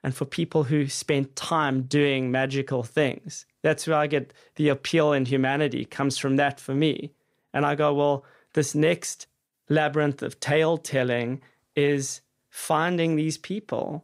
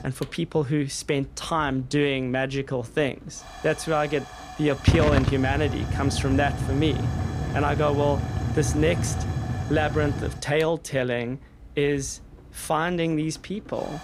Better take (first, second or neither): first